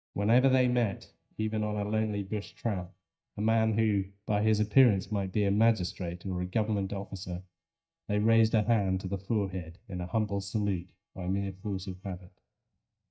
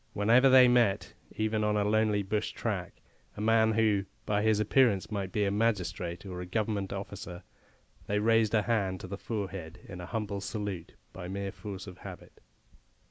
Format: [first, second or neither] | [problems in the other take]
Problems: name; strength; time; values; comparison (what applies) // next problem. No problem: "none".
second | noise reduction (neural mask model DeepFilterNet 3)